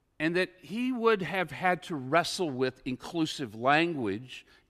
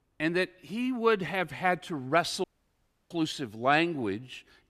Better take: first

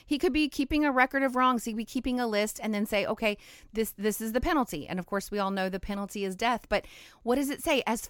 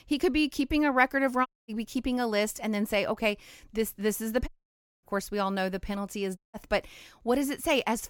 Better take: first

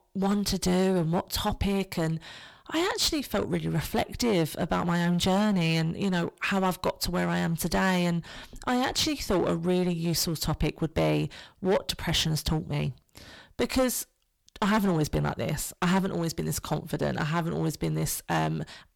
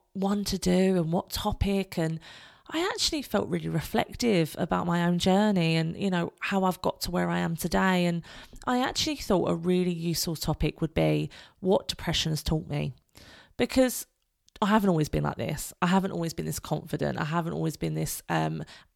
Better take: second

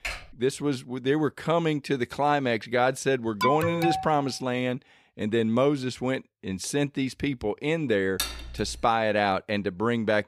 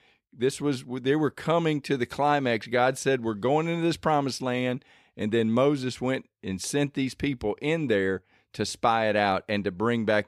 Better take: second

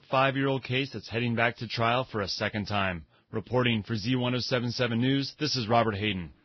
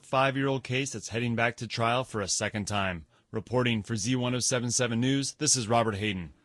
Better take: second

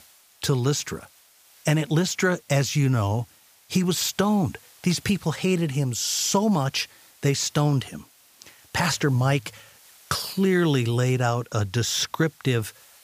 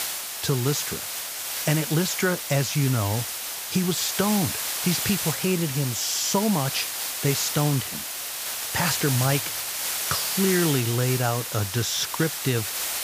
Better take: first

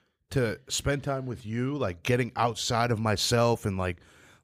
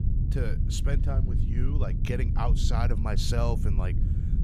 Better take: first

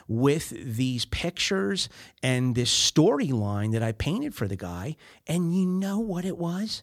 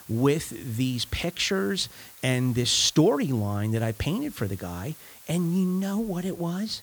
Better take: first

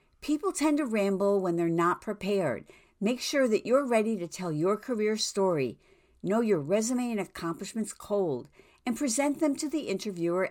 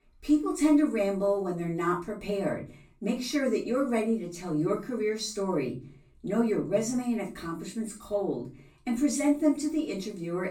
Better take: first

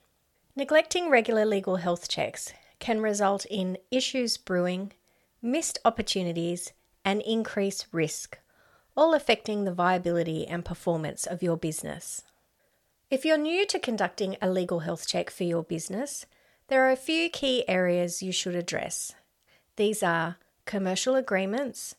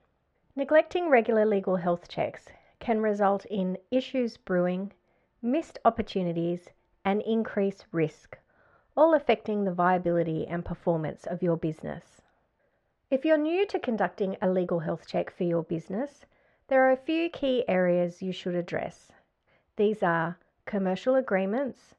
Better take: first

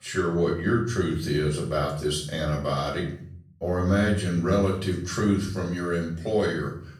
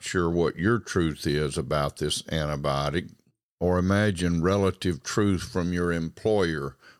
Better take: second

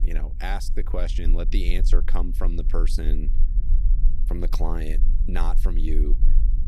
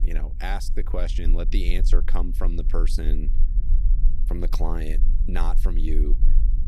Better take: neither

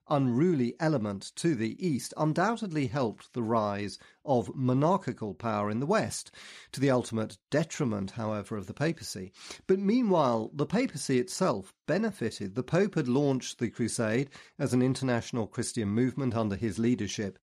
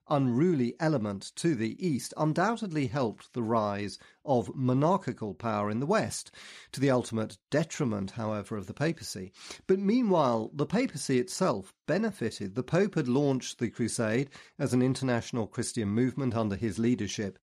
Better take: neither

